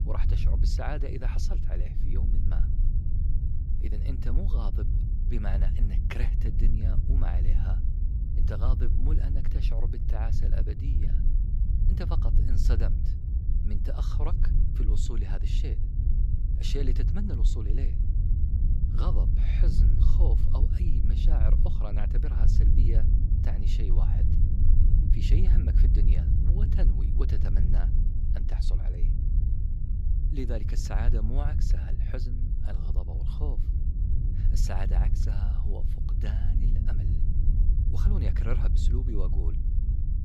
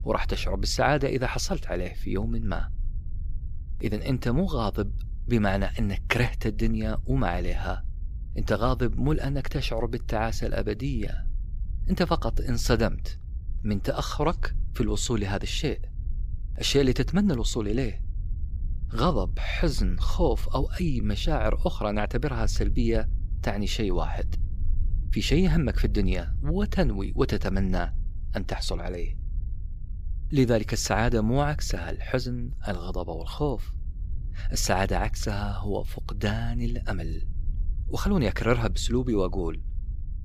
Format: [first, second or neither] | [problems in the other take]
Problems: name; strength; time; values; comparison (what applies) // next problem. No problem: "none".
second | low rumble; loud; throughout; 2 dB below the speech; faint in the second